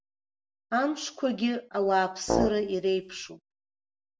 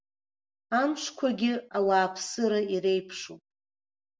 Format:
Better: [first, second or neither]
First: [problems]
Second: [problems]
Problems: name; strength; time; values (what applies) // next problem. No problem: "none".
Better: second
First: background sound (Brass instrument); 1 dB below the speech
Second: none